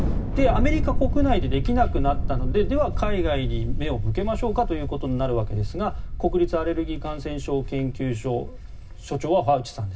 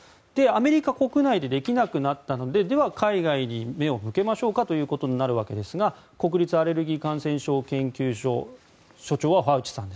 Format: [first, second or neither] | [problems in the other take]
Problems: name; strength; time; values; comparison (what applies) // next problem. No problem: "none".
second | background sound (Thunder); as loud as the speech // room echo; dies away in 0.4 s